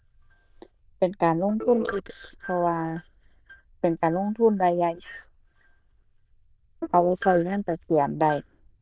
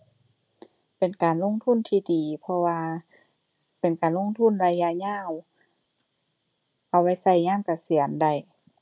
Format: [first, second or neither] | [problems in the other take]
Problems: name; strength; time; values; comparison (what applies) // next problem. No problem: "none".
second | noise reduction (neural diffusion model UNIVERSE++)